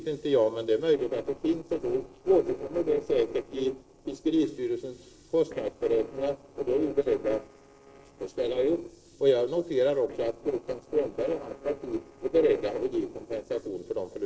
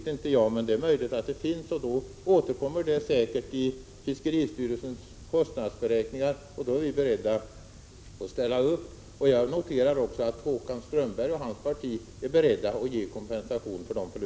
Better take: second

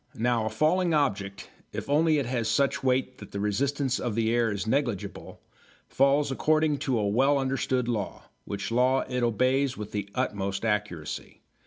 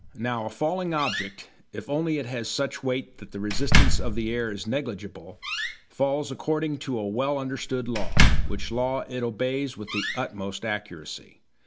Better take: first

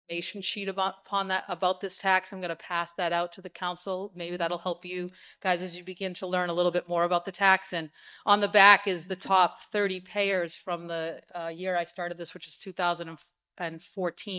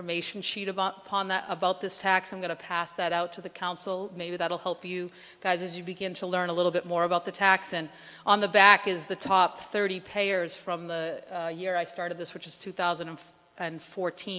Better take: second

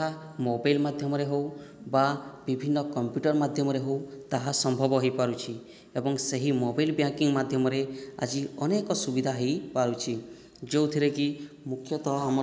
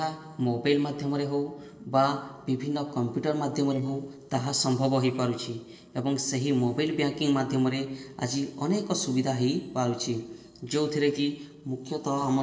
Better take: first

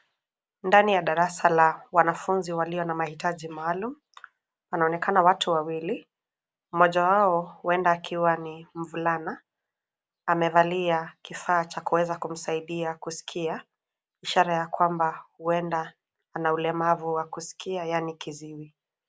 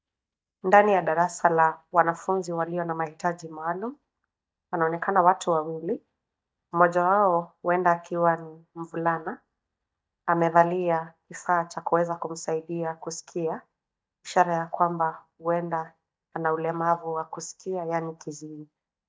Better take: first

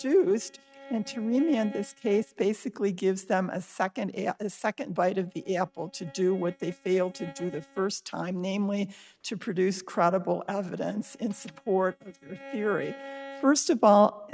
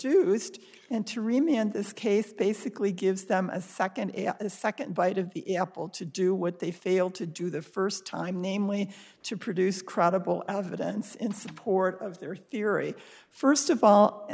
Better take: second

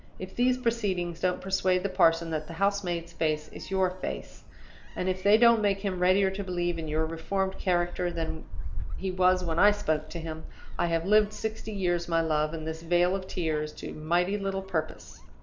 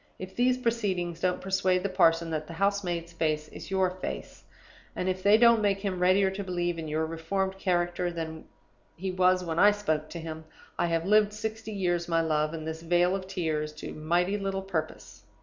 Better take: second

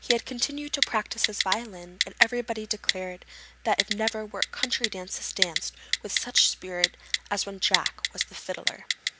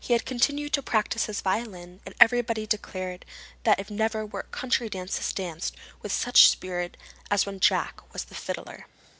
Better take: second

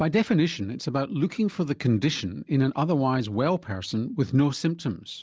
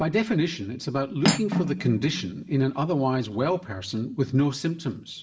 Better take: first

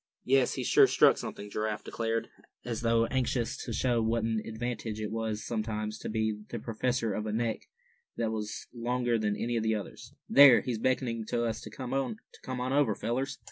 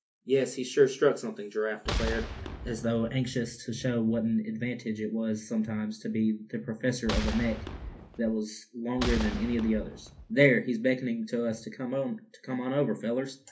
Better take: first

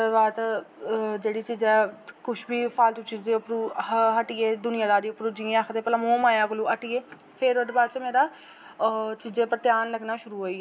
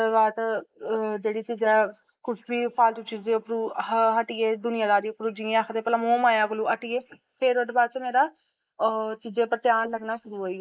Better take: first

